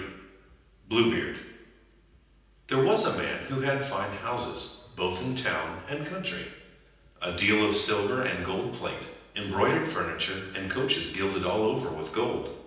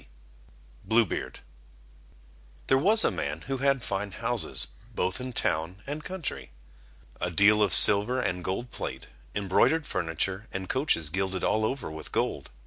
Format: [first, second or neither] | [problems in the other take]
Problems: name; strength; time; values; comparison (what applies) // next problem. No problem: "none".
second | room echo; dies away in 0.9 s